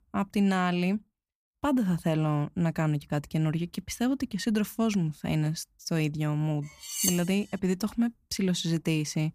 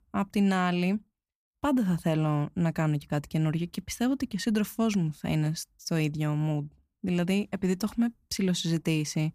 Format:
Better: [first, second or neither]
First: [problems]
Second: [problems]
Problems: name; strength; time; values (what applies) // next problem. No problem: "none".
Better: second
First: clattering dishes; loud; at 7 s; peak 1 dB above the speech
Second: none